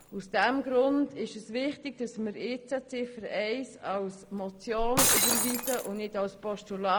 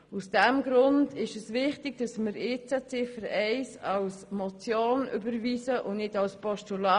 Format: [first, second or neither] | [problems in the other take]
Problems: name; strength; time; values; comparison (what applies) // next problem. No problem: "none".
second | background sound (Shatter); 3 dB below the speech